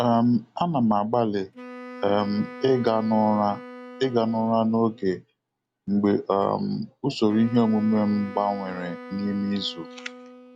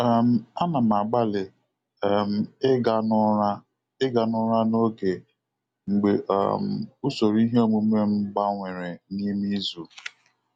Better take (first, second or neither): second